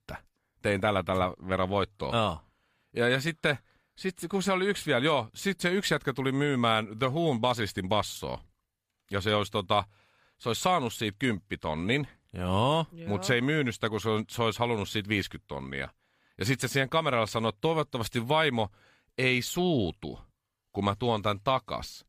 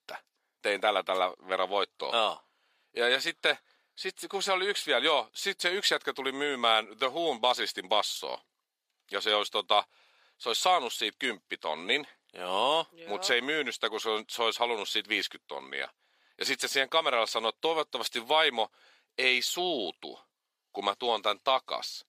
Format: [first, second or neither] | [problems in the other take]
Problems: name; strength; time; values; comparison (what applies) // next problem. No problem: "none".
first | thin; very; fading below 350 Hz